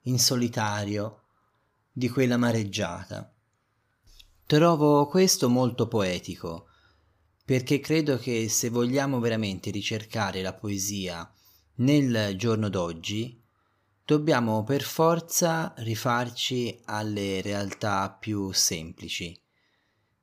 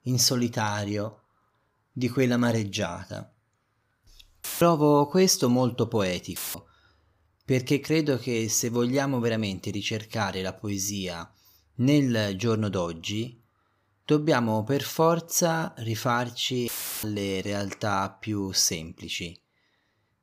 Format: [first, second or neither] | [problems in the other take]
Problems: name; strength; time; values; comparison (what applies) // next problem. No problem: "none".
first | audio cutting out; filled with static; at 4.5 s, at 6.5 s and at 17 s